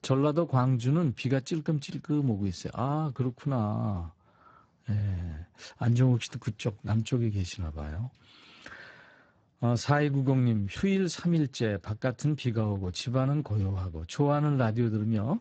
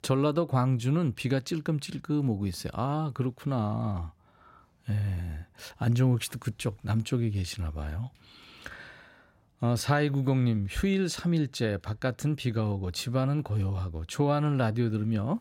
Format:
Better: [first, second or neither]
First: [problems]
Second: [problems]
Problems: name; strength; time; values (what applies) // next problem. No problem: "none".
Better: second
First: garbled, watery; badly; nothing above 8 kHz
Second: none